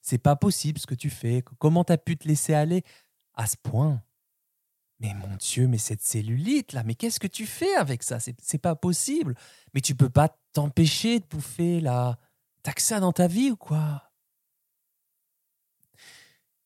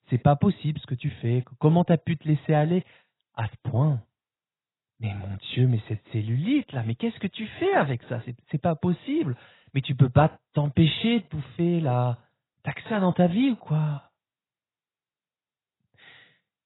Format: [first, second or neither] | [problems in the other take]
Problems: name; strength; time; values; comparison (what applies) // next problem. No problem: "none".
first | garbled, watery; badly; nothing above 4 kHz